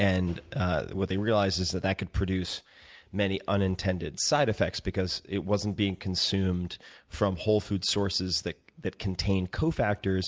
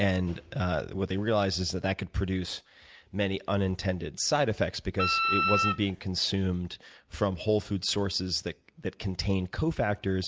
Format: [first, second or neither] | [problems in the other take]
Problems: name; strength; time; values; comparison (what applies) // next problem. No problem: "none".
first | background sound (Wind instrument, woodwind instrument); 1 dB above the speech